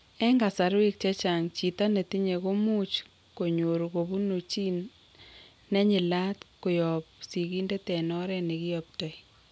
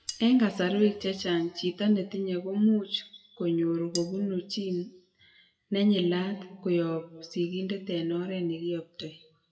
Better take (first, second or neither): first